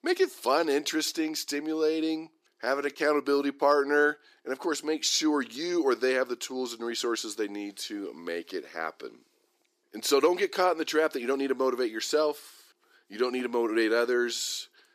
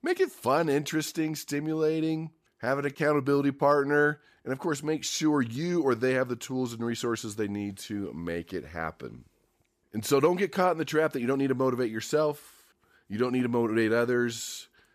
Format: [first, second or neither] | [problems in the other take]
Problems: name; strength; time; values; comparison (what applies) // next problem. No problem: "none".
second | thin; very slightly; fading below 300 Hz